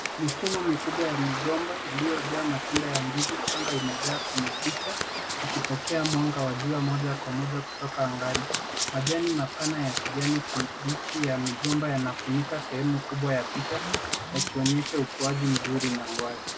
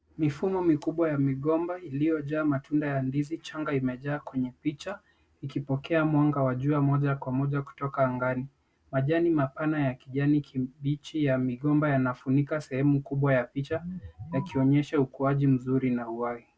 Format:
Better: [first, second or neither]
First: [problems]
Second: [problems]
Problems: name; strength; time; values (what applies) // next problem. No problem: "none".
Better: second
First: background sound (Waves, surf + Domestic sounds, home sounds); 3 dB below the speech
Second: none